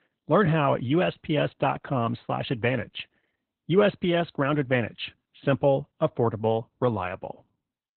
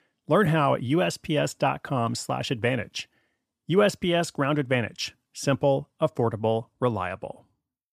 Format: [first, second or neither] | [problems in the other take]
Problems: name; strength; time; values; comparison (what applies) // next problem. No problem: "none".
second | garbled, watery; badly